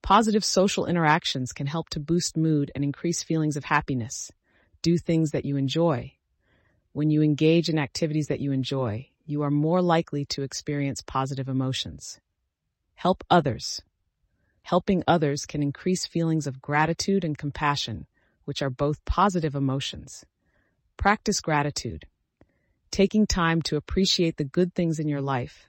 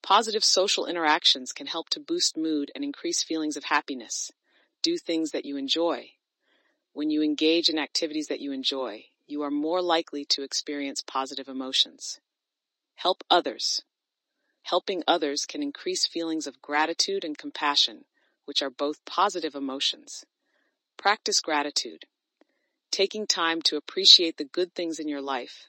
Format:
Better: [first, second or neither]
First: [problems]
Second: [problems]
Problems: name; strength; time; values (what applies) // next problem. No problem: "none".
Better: first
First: none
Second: thin; somewhat; fading below 300 Hz